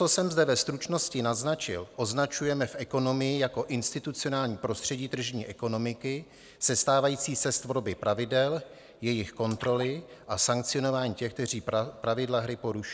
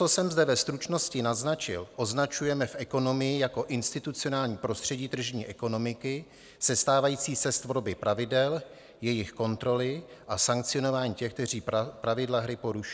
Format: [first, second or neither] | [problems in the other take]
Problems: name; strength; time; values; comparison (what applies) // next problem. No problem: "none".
second | background sound (Splash, splatter); 20 dB below the speech